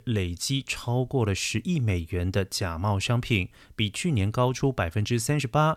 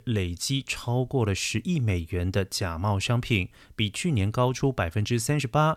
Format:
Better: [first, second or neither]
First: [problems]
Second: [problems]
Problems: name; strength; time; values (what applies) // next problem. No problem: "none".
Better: neither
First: none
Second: none